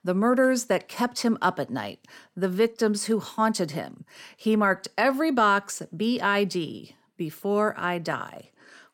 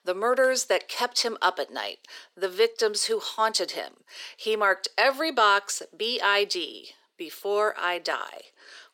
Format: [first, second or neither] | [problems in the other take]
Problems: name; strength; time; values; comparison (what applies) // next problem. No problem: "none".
first | thin; very; fading below 400 Hz